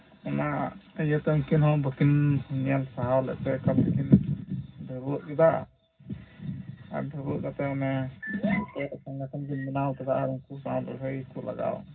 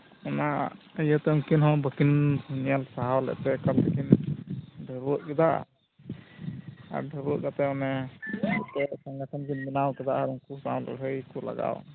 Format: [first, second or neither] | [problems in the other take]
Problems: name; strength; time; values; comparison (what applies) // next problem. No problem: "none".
second | room echo; dies away in 0.4 s